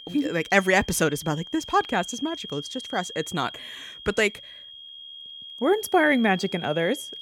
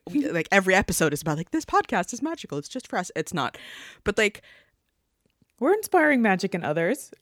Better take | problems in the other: second | high-pitched whine; noticeable; throughout; 3.5 kHz, 15 dB below the speech

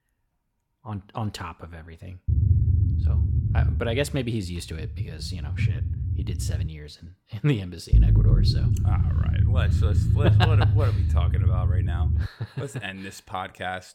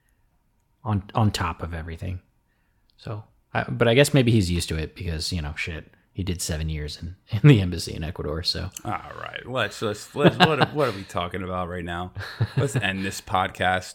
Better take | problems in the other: second | low rumble; loud; from 2.5 to 6.5 s and from 8 to 12 s; 4 dB below the speech

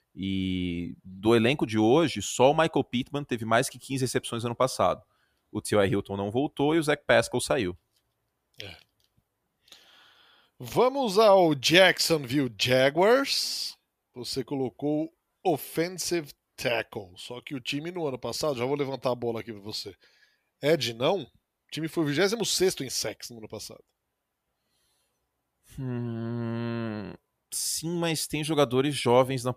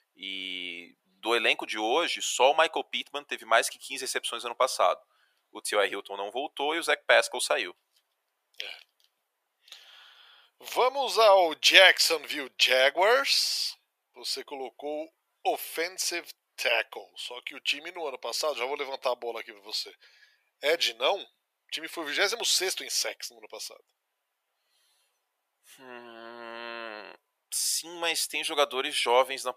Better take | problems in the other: first | thin; very; fading below 550 Hz

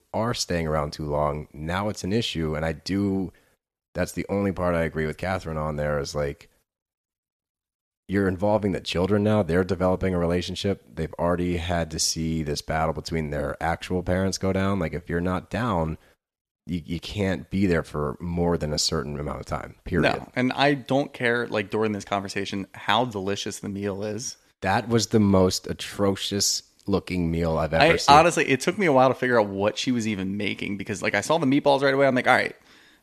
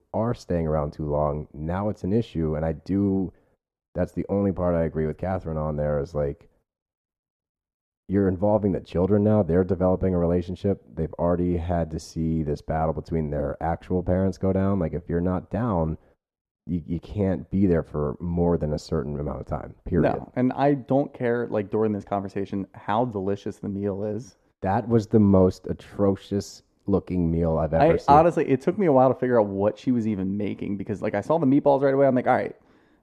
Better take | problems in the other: first | muffled; very; fading above 1.5 kHz

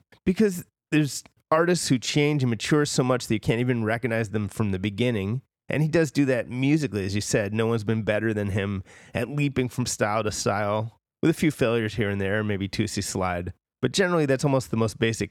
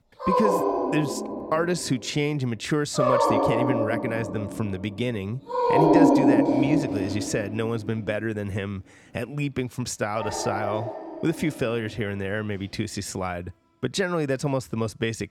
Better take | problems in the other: first | animal sounds; very loud; throughout; 4 dB above the speech

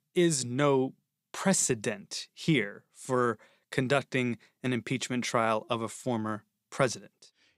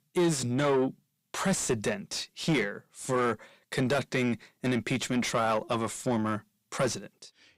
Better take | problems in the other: first | distortion; heavy; 7 dB below the speech

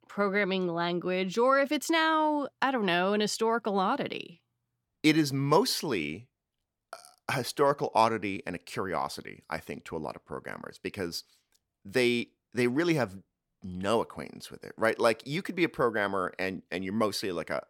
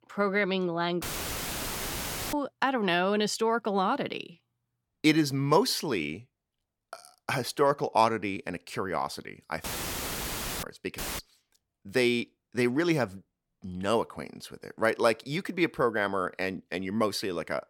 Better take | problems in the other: first | audio cutting out; filled with static; at 1 s for 1.5 s, at 9.5 s for 1 s and at 11 s

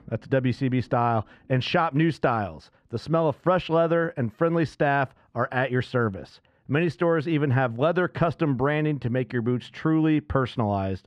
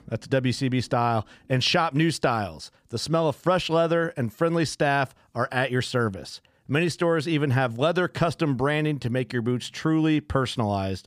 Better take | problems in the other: second | muffled; slightly; fading above 4 kHz

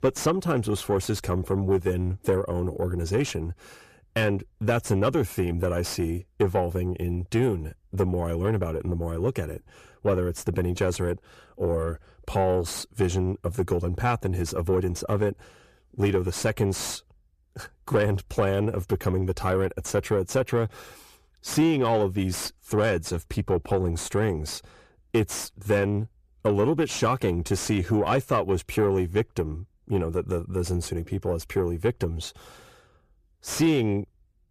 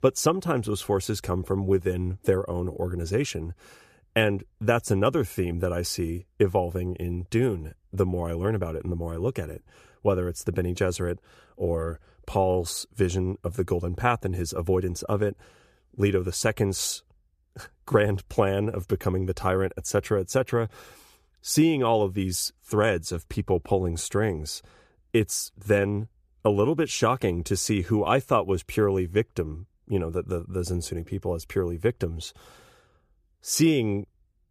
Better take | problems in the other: second | distortion; slight; 10 dB below the speech

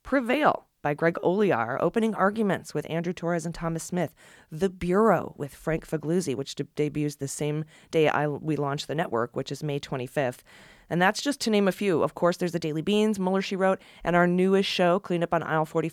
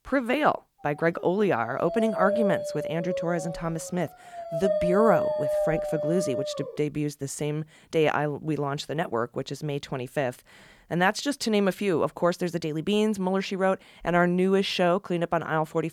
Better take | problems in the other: first | dog barking; loud; from 1.5 to 7 s; peak 2 dB above the speech

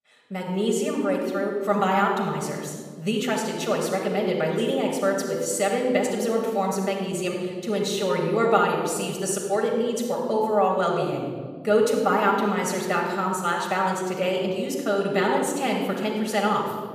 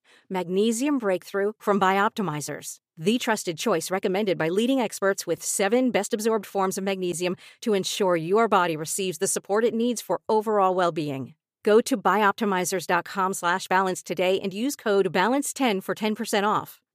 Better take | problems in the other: second | off-mic speech; somewhat distant // room echo; noticeable; dies away in 1.4 s

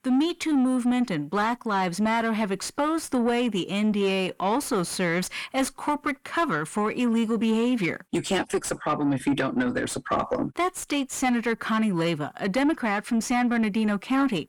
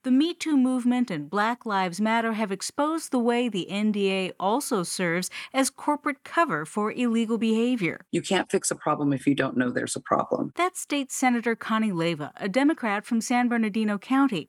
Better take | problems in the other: second | distortion; slight; 10 dB below the speech

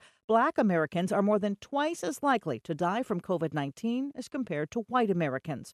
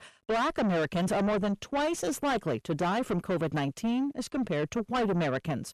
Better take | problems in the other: first | distortion; heavy; 5 dB below the speech

